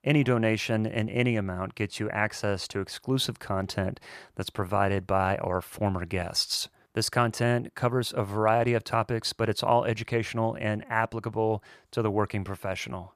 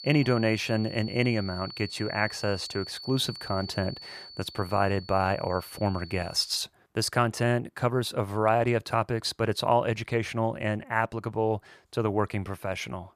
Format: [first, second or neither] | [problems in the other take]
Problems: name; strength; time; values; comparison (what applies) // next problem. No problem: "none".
first | high-pitched whine; noticeable; until 6.5 s; 4.5 kHz, 15 dB below the speech